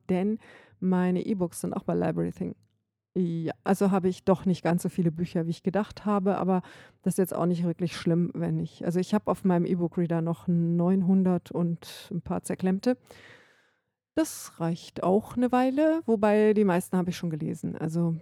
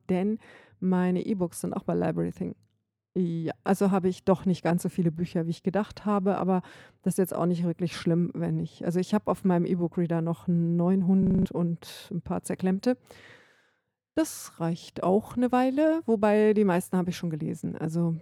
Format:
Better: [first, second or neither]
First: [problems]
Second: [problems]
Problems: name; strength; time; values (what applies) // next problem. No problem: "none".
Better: first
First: none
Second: audio freezing; at 11 s